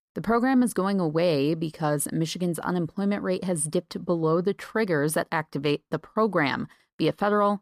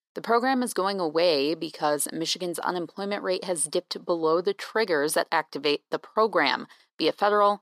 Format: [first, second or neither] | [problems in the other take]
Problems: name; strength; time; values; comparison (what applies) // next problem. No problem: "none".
first | thin; somewhat; fading below 400 Hz